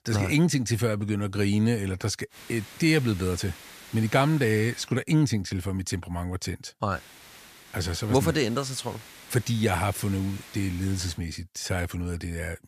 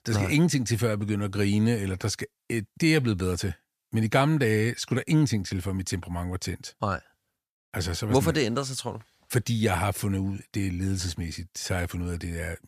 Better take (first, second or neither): second